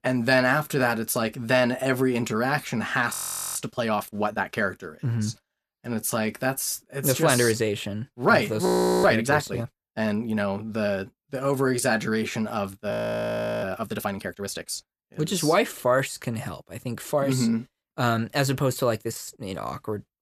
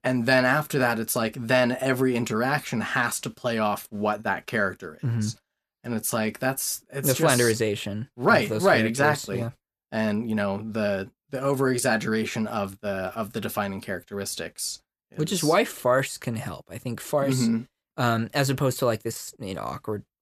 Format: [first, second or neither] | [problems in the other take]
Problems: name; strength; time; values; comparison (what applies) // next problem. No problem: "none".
second | audio freezing; at 3 s, at 8.5 s and at 13 s for 0.5 s